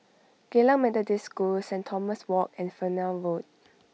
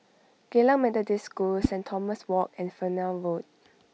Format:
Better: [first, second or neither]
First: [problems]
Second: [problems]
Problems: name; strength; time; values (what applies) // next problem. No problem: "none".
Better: first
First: none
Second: background sound (Whoosh, swoosh, swish); 9 dB below the speech